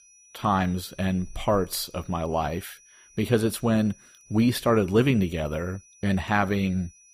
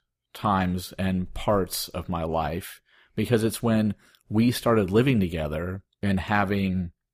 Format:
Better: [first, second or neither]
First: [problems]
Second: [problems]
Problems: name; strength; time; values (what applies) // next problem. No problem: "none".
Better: second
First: high-pitched whine; faint; throughout; 6 kHz, 25 dB below the speech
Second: none